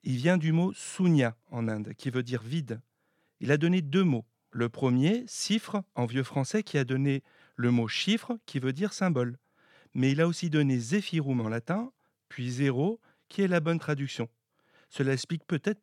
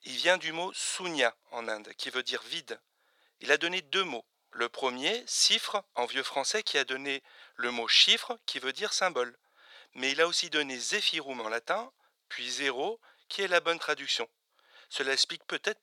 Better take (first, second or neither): first